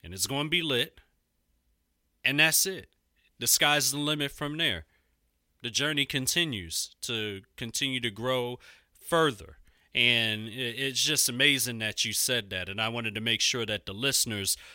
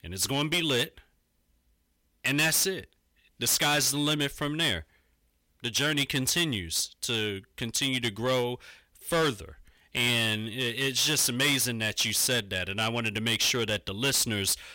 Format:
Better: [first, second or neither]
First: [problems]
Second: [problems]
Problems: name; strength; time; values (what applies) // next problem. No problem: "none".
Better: first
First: none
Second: distortion; heavy; 8% of the sound clipped